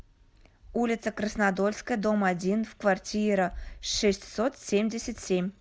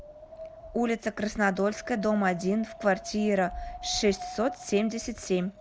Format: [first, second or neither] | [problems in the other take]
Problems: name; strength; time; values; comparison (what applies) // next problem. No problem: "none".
first | background sound (Wind); 15 dB below the speech